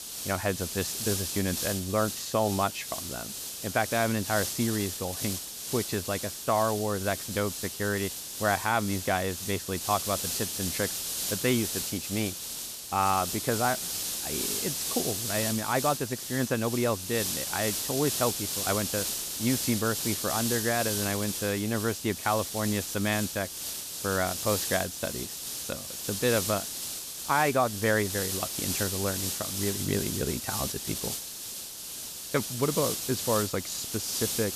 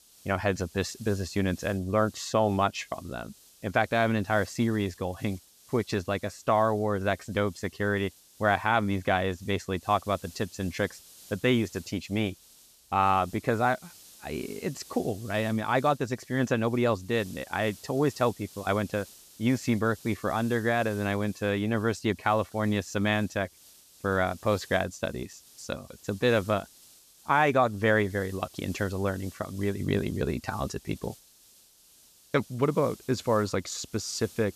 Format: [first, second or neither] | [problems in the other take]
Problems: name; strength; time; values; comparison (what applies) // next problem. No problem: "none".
second | hiss; loud; throughout; 2 dB below the speech; faint in the second